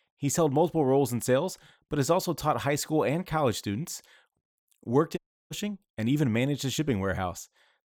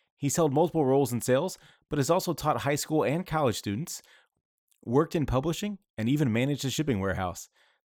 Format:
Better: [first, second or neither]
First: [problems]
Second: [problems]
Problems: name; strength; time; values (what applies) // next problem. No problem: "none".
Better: second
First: audio cutting out; at 5 s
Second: none